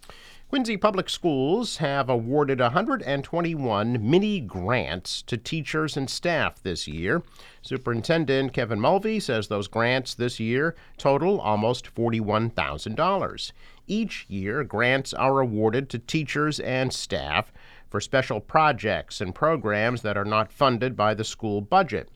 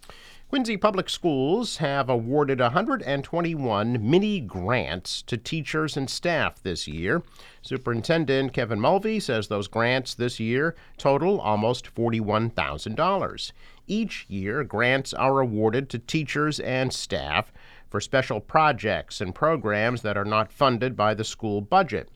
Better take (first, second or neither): neither